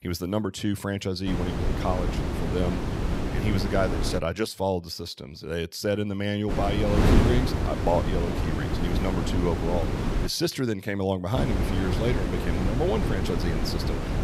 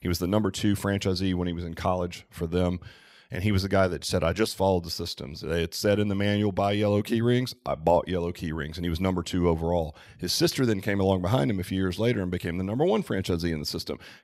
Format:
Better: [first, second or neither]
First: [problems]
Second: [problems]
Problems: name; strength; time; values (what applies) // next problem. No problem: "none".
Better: second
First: wind noise on the microphone; heavy; from 1.5 to 4 s, from 6.5 to 10 s and from 11 s on; 2 dB below the speech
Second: none